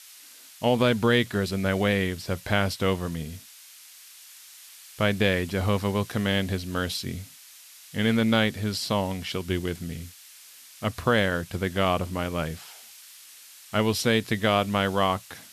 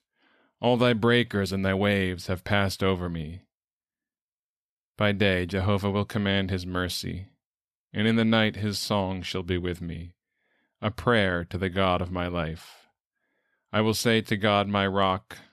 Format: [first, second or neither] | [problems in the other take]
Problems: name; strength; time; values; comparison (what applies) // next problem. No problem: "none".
second | hiss; noticeable; throughout; 20 dB below the speech